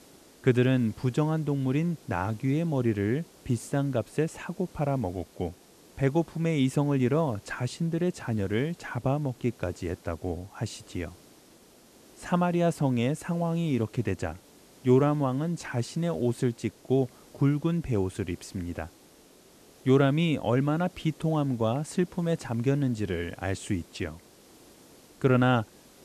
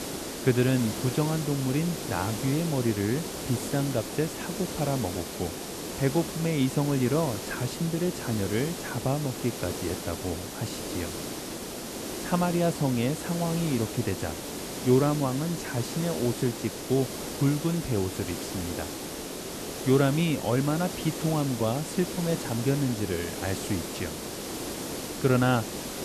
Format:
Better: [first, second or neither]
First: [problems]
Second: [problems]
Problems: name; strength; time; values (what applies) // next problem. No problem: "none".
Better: first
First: hiss; faint; throughout; 25 dB below the speech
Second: hiss; loud; throughout; 6 dB below the speech